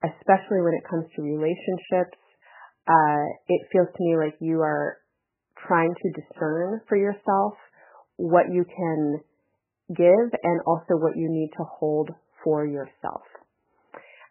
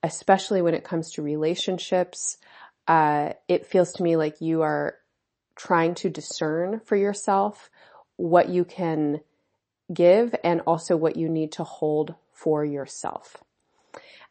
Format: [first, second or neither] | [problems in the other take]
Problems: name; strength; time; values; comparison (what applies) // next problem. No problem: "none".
second | garbled, watery; badly; nothing above 3 kHz; slightly in the second